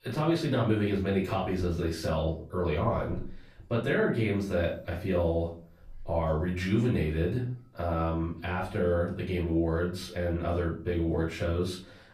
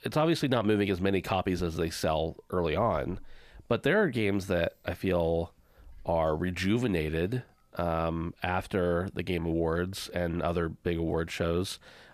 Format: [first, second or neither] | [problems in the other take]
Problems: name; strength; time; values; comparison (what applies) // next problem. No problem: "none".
second | off-mic speech; far // room echo; slight; dies away in 0.4 s